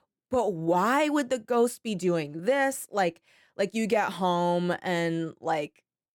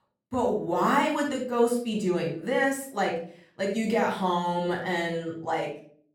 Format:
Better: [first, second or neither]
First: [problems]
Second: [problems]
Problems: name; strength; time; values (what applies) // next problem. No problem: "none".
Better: first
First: none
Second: off-mic speech; far // room echo; slight; dies away in 0.4 s